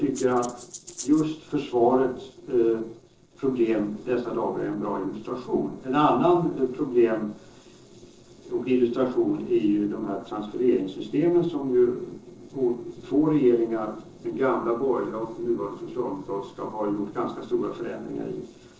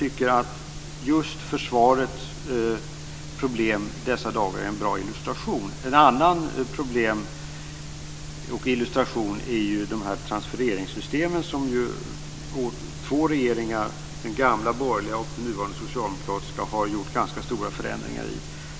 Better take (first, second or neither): second